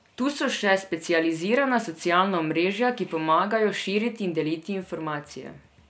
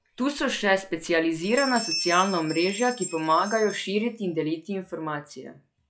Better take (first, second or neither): first